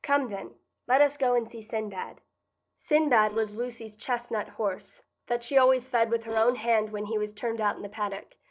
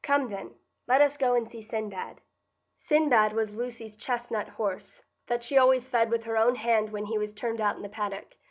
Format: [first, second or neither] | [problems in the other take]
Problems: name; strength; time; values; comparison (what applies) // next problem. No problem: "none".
second | noise reduction (neural separator model SepFormer DNS4)